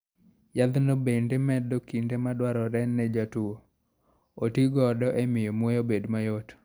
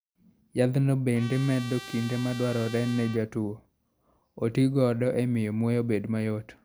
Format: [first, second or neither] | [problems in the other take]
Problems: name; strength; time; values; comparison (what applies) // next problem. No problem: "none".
first | background sound (Trumpet); 15 dB below the speech